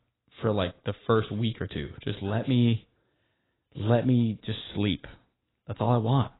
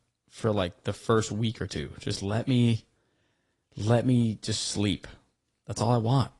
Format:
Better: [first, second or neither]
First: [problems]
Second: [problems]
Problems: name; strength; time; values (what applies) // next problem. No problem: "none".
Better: second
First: garbled, watery; badly; nothing above 4 kHz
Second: garbled, watery; slightly